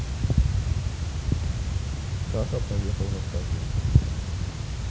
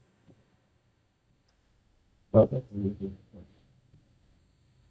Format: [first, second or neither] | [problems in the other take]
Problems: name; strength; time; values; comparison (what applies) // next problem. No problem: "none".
first | noise reduction (neural mask model DeepFilterNet 3)